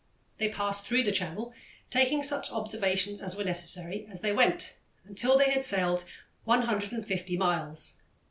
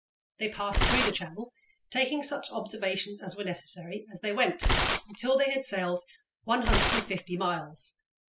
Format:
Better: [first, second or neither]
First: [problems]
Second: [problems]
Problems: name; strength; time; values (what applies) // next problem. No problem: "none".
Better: first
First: none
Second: noise reduction (classical method spectral subtraction)